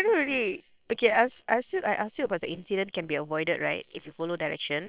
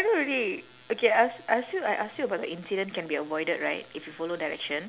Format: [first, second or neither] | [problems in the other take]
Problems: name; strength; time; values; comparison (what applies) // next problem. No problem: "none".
second | noise reduction (neural separator model SepFormer WHAM!)